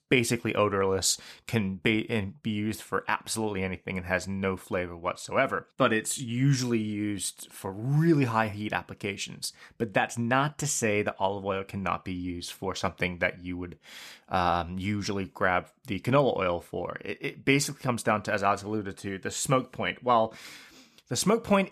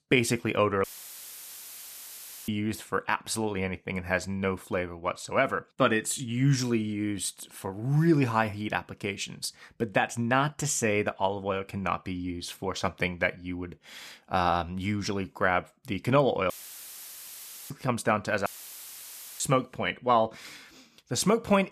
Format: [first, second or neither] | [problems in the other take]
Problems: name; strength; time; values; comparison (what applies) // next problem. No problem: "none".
first | audio cutting out; filled with static; at 1 s for 1.5 s, at 17 s for 1 s and at 18 s for 1 s